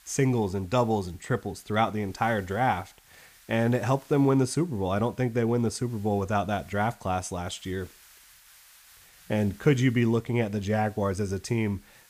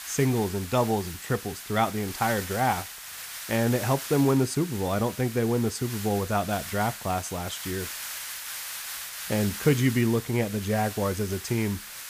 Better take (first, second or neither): first